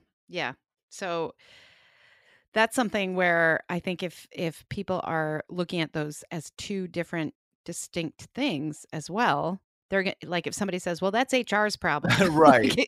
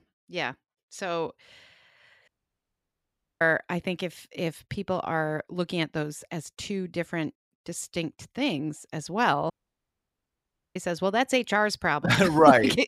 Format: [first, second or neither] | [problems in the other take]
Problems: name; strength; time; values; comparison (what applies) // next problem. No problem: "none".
first | audio cutting out; at 2.5 s for 1 s and at 9.5 s for 1.5 s